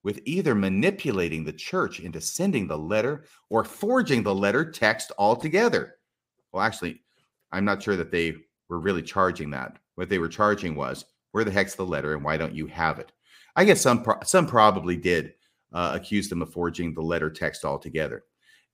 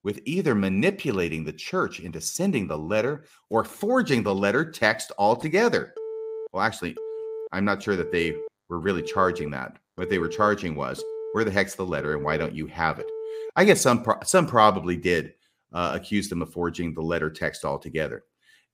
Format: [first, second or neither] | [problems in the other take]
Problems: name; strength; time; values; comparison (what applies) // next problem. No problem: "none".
first | phone ringing; noticeable; from 6 to 14 s; peak 9 dB below the speech